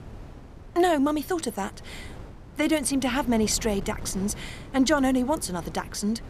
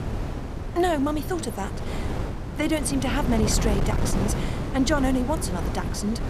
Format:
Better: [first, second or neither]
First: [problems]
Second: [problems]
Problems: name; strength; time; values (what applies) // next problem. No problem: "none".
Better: first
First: wind noise on the microphone; occasional gusts; 20 dB below the speech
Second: wind noise on the microphone; heavy; 6 dB below the speech